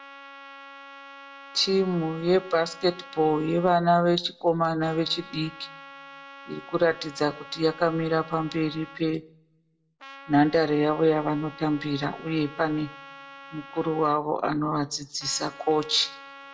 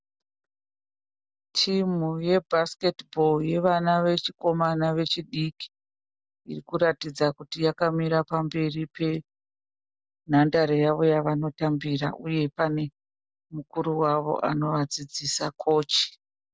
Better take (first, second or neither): second